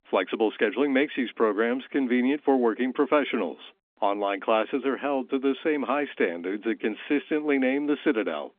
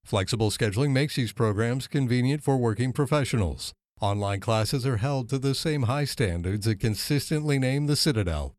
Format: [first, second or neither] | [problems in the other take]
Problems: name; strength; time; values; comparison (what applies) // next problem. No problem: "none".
second | phone-call audio; nothing above 3.5 kHz